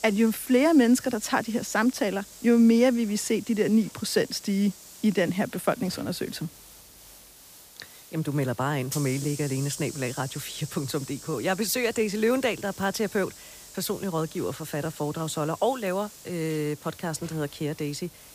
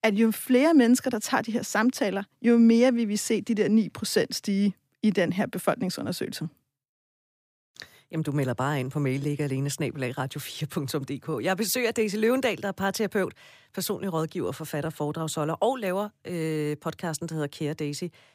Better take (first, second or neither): second